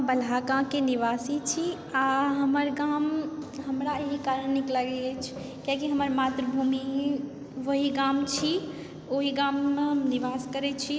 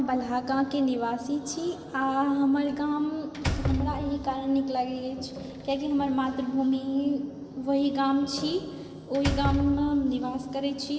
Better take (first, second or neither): first